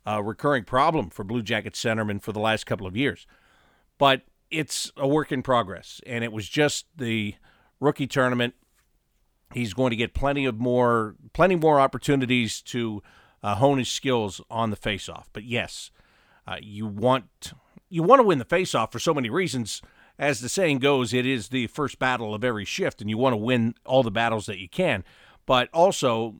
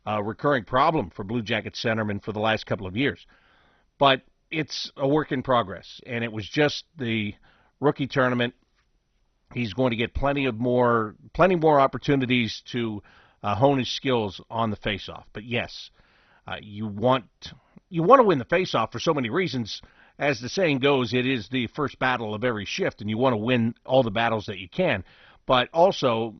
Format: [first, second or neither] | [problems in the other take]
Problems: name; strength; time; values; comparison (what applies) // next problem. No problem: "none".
first | garbled, watery; badly; nothing above 6 kHz